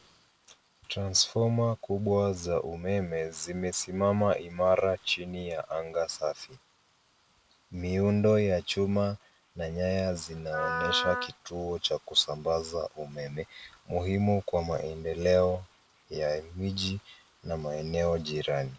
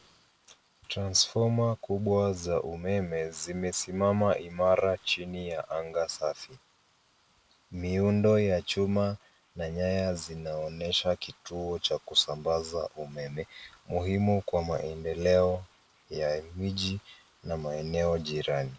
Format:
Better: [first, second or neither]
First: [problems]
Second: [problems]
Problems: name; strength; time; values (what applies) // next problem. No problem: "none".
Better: second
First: background sound (Wind instrument, woodwind instrument); 6 dB below the speech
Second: none